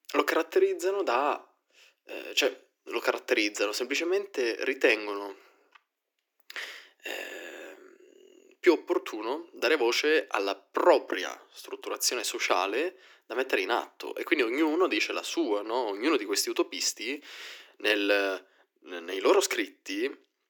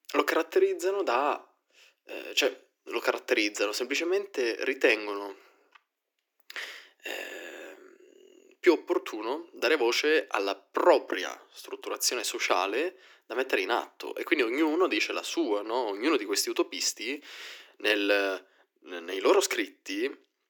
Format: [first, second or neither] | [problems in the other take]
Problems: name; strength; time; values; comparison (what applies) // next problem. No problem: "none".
neither | thin; very; fading below 300 Hz; the same in both